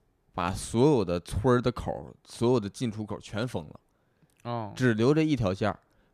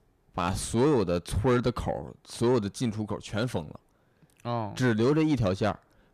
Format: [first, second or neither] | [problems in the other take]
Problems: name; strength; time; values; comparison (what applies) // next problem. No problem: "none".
first | distortion; slight; 10 dB below the speech